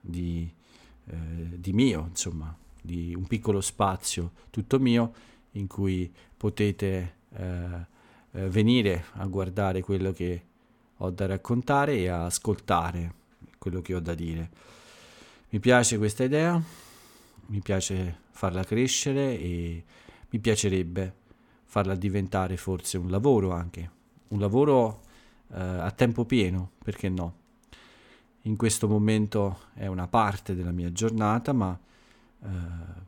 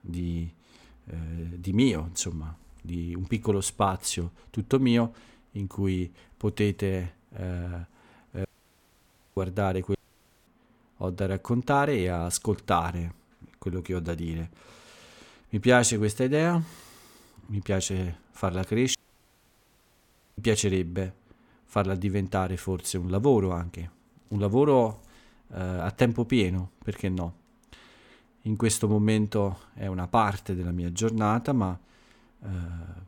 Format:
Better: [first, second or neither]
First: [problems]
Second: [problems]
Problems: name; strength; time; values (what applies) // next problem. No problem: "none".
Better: first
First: none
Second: audio cutting out; at 8.5 s for 1 s, at 10 s for 0.5 s and at 19 s for 1.5 s